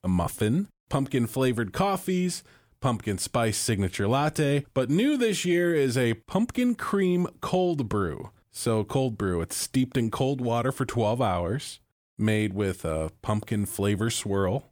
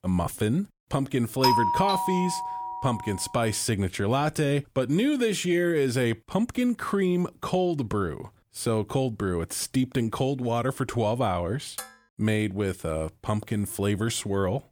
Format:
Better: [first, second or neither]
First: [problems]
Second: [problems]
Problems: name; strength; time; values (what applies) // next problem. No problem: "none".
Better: first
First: none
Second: doorbell; loud; from 1.5 to 3 s; peak 4 dB above the speech // clattering dishes; faint; at 12 s; peak 10 dB below the speech